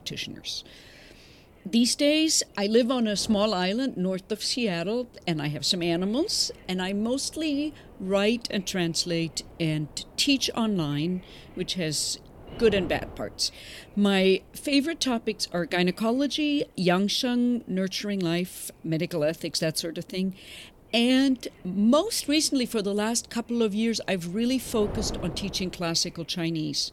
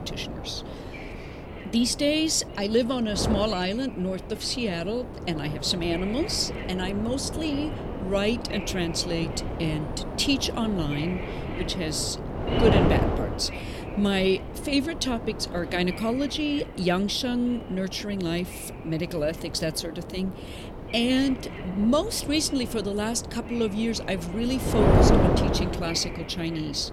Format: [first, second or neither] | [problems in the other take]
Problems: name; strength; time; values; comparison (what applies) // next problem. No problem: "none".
first | wind noise on the microphone; heavy; 5 dB below the speech; occasional gusts in the first